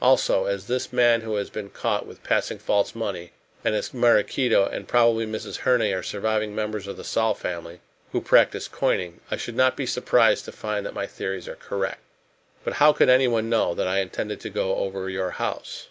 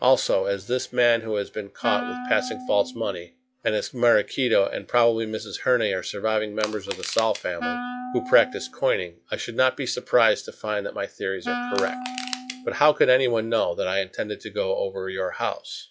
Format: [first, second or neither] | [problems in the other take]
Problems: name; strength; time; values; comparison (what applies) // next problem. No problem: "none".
first | noise reduction (classical method log-MMSE)